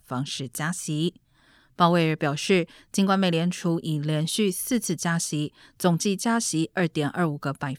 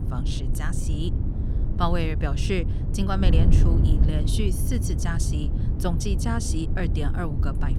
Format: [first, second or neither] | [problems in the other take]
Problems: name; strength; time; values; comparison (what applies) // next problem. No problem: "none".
first | wind noise on the microphone; heavy; 6 dB below the speech